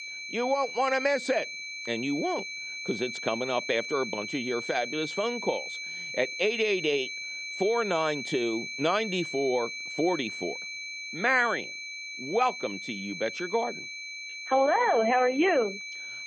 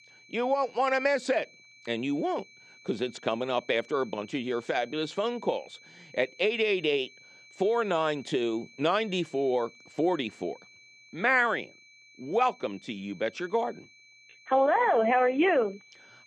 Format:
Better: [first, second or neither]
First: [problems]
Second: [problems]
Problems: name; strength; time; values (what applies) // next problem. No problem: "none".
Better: second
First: high-pitched whine; loud; throughout; 2.5 kHz, 7 dB below the speech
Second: high-pitched whine; faint; throughout; 2.5 kHz, 25 dB below the speech